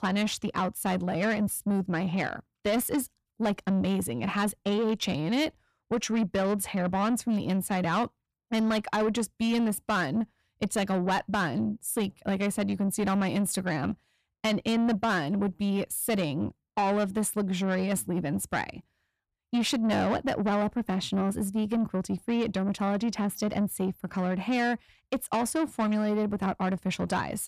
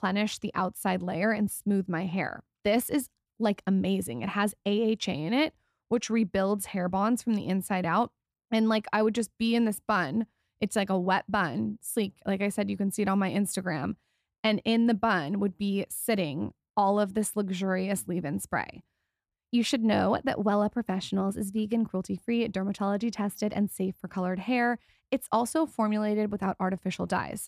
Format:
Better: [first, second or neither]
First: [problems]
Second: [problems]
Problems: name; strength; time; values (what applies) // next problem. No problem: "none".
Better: second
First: distortion; slight; 10 dB below the speech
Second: none